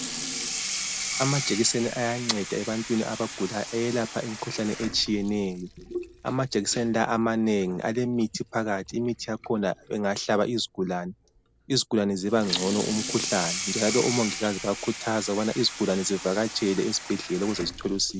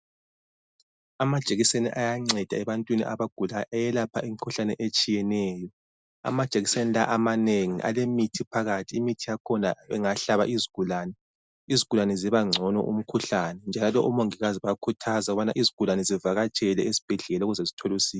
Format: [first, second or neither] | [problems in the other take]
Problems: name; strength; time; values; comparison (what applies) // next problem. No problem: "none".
second | background sound (Sink (filling or washing) / Water tap, faucet); 9 dB below the speech